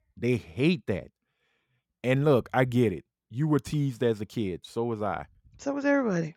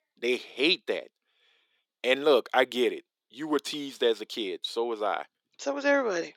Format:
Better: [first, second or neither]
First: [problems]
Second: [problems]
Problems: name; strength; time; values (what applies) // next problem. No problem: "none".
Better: first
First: none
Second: thin; somewhat; fading below 350 Hz